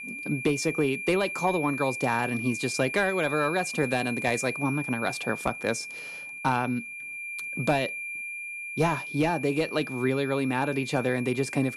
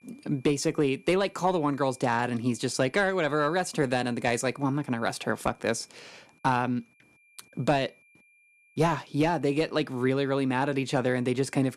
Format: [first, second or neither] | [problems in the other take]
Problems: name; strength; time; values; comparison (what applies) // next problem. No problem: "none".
second | high-pitched whine; loud; throughout; 2.5 kHz, 6 dB below the speech; faint in the second